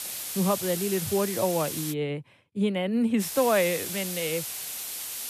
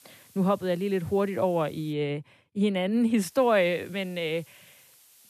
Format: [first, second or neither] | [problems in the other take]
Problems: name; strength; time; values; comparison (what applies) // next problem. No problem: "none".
second | hiss; loud; until 2 s and from 3 s on; 5 dB below the speech; faint in the second